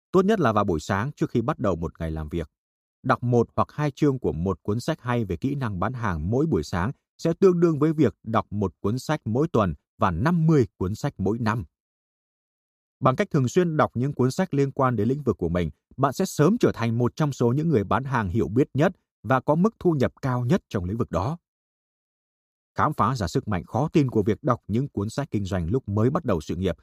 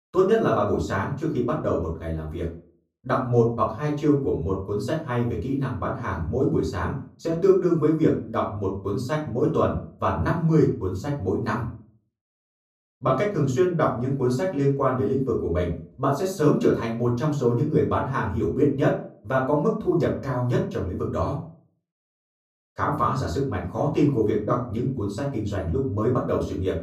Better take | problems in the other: first | off-mic speech; far // room echo; slight; dies away in 0.3 s

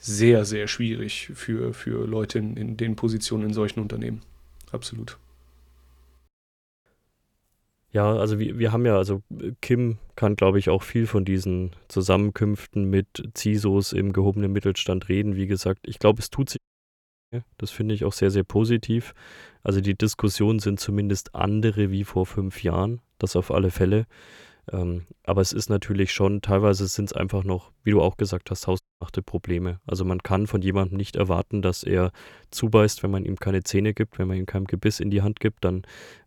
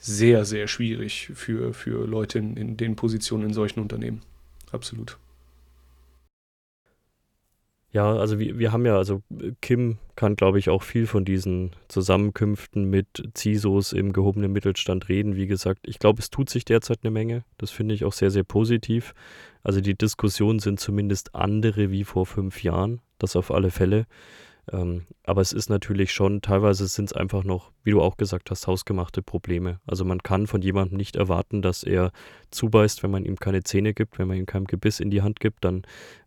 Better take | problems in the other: second | audio cutting out; at 17 s for 0.5 s and at 29 s

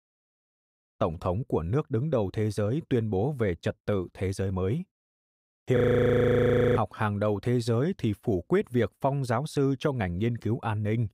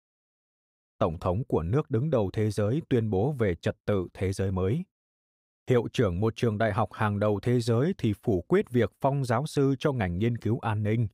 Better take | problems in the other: second | audio freezing; at 6 s for 1 s

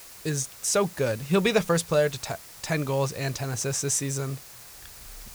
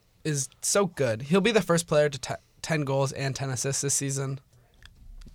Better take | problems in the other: second | hiss; noticeable; throughout; 15 dB below the speech

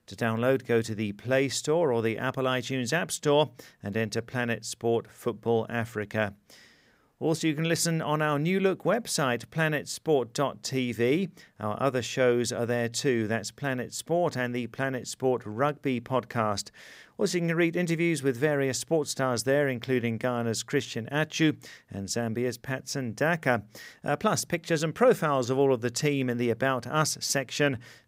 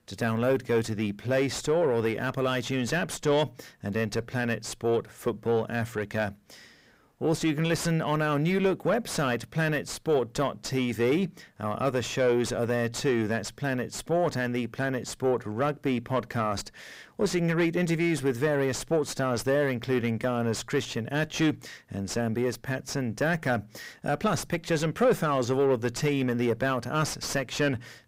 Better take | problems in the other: first | distortion; slight; 9 dB below the speech

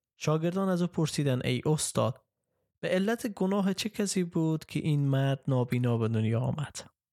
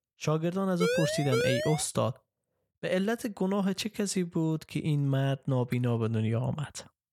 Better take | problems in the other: first | siren; loud; from 1 to 2 s; peak 1 dB above the speech

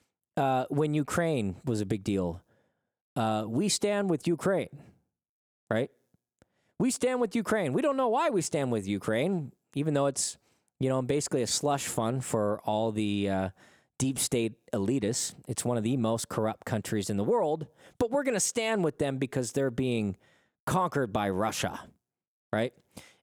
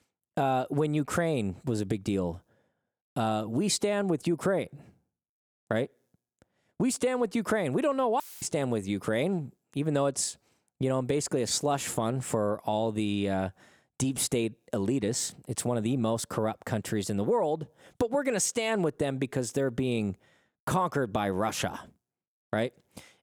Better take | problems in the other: first | audio cutting out; filled with static; at 8 s

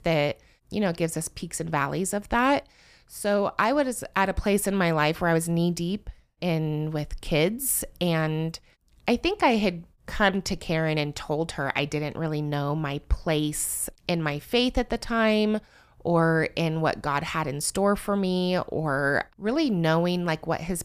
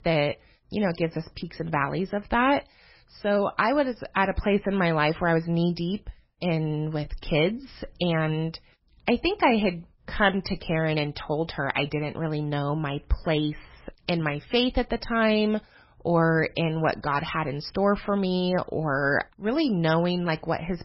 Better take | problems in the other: first | garbled, watery; badly; nothing above 5.5 kHz

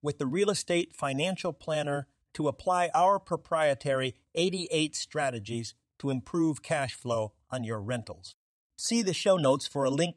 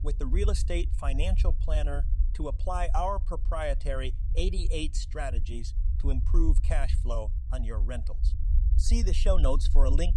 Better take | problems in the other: first | low rumble; noticeable; throughout; 15 dB below the speech

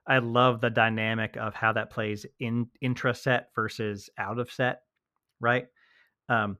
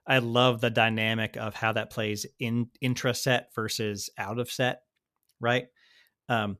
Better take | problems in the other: second | muffled; slightly; fading above 3.5 kHz

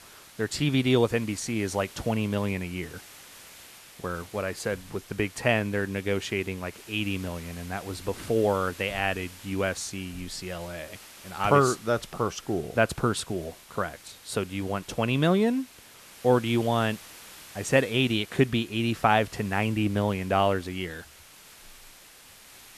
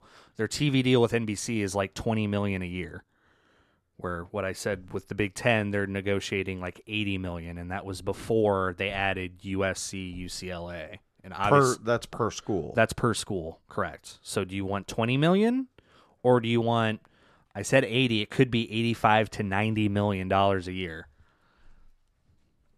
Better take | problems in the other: second | hiss; noticeable; throughout; 20 dB below the speech

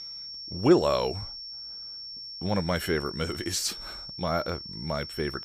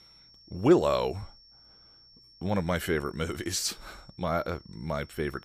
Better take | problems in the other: second | high-pitched whine; loud; throughout; 5.5 kHz, 9 dB below the speech; faint in the second

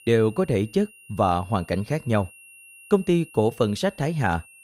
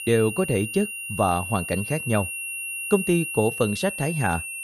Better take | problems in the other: first | high-pitched whine; loud; throughout; 2.5 kHz, 5 dB below the speech; faint in the first

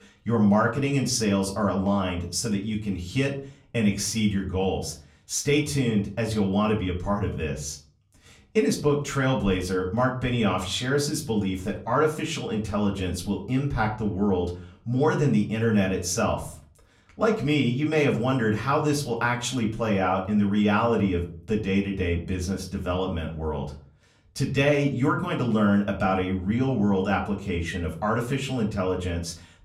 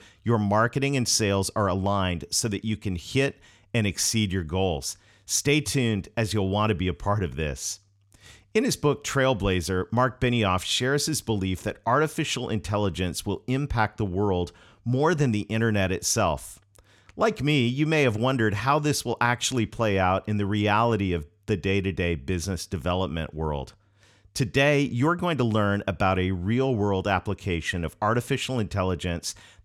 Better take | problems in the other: second | off-mic speech; far // room echo; very slight; dies away in 0.4 s

